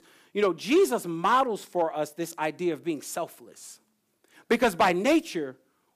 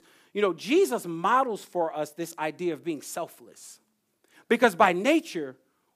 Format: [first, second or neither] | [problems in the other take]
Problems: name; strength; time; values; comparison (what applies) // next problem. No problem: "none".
second | distortion; slight; 2% of the sound clipped